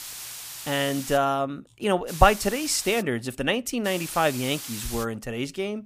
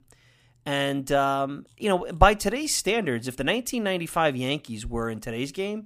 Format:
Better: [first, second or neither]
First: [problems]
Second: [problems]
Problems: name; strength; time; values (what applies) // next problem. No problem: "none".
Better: second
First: hiss; noticeable; until 1 s, at 2 s and from 4 to 5 s; 10 dB below the speech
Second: none